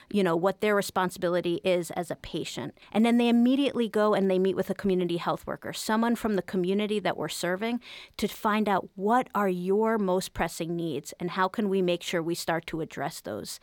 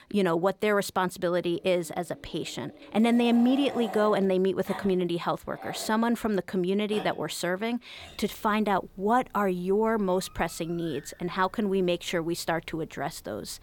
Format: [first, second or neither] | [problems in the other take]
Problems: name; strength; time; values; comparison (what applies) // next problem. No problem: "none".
first | animal sounds; noticeable; throughout; 15 dB below the speech